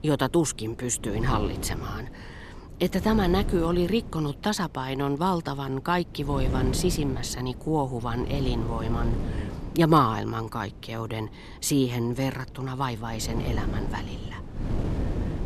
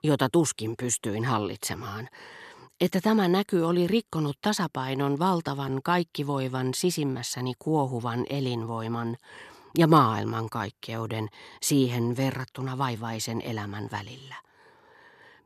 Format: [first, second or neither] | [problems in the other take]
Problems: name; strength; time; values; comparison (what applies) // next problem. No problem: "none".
second | wind noise on the microphone; occasional gusts; 10 dB below the speech